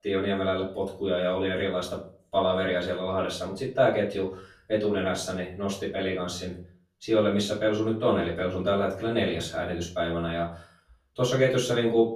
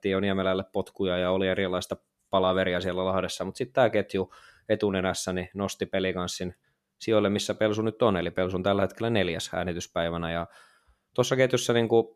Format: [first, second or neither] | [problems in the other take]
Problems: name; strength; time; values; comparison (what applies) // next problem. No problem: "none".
second | off-mic speech; far // room echo; slight; dies away in 0.4 s